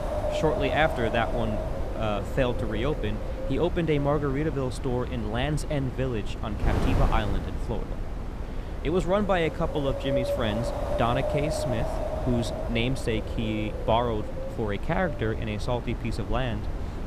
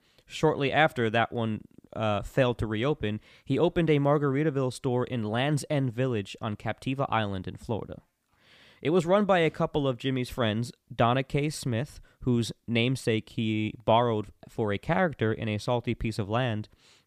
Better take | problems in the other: second | wind noise on the microphone; heavy; 5 dB below the speech

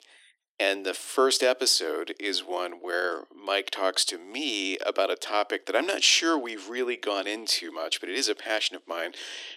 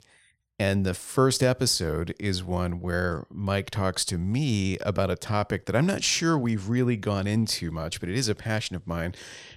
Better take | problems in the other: second | thin; very; fading below 300 Hz

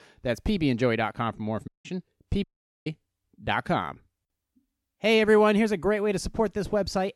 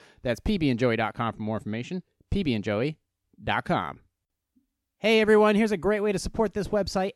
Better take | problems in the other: second | audio cutting out; at 1.5 s and at 2.5 s

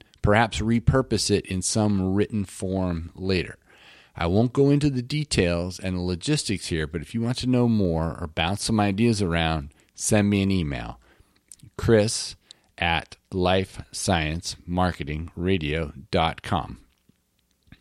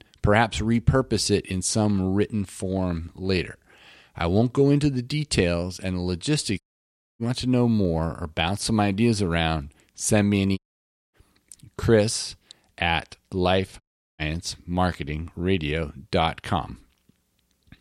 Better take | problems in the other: first | audio cutting out; at 6.5 s for 0.5 s, at 11 s for 0.5 s and at 14 s

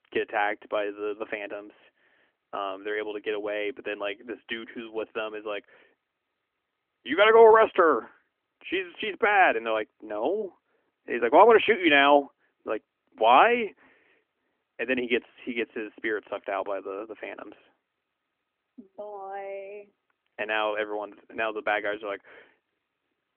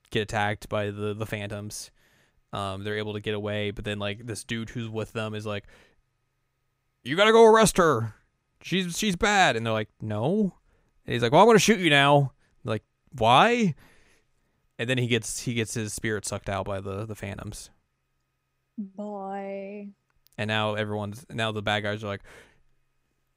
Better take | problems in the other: second | phone-call audio; nothing above 3.5 kHz

